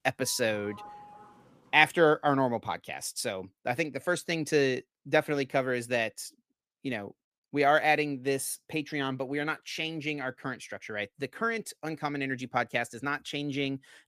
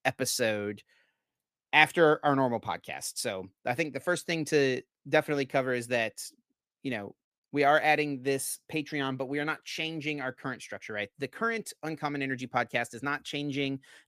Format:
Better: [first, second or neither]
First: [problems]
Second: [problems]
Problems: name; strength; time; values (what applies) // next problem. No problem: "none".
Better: second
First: doorbell; faint; until 2 s; peak 15 dB below the speech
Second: none